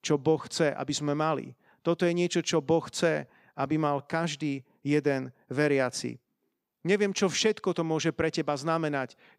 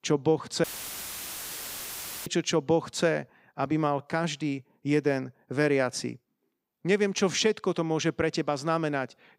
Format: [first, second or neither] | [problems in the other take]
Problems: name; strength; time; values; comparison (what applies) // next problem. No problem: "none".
first | audio cutting out; filled with static; at 0.5 s for 1.5 s